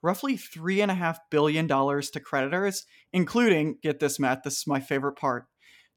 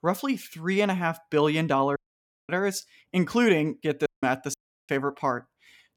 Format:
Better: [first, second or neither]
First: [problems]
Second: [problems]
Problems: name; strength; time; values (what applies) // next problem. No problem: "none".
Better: first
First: none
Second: audio cutting out; at 2 s for 0.5 s, at 4 s and at 4.5 s